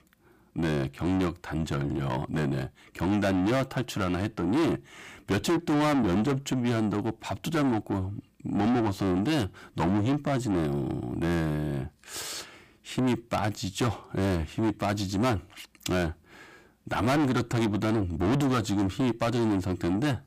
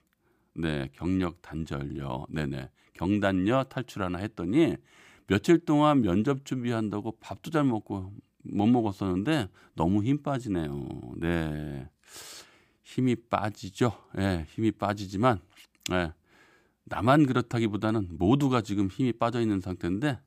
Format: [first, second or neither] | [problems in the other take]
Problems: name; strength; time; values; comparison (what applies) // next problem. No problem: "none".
second | distortion; heavy; 6 dB below the speech